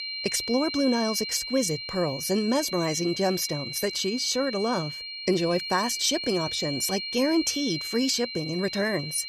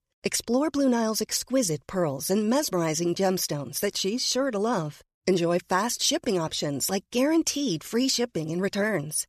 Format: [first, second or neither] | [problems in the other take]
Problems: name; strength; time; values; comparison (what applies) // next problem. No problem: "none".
second | high-pitched whine; loud; throughout; 4 kHz, 6 dB below the speech